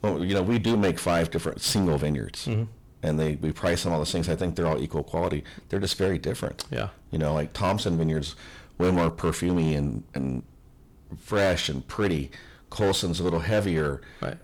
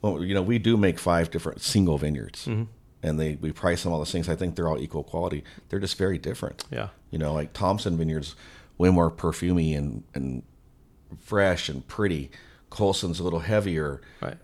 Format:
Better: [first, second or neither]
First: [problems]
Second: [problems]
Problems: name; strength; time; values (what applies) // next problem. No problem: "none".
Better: second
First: distortion; heavy; 11% of the sound clipped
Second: none